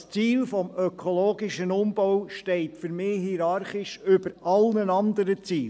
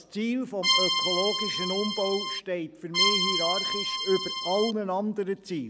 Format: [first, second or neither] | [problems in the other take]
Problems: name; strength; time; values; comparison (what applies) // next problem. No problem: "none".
first | background sound (Accordion); 2 dB above the speech